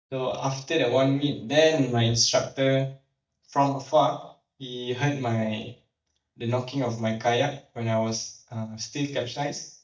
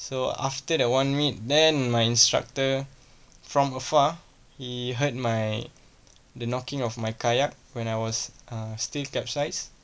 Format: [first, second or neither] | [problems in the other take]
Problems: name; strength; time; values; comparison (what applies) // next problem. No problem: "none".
second | noise reduction (neural mask model DeepFilterNet 3)